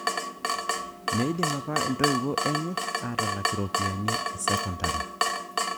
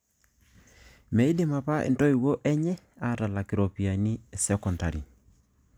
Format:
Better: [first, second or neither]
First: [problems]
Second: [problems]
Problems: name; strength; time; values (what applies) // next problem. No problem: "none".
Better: second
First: background sound (Drip / Water tap, faucet); 3 dB above the speech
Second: none